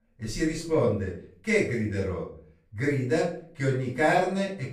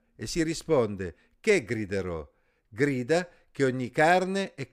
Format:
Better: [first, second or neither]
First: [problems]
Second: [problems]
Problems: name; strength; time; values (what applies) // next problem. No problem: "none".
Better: second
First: room echo; noticeable; dies away in 0.4 s // off-mic speech; far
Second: none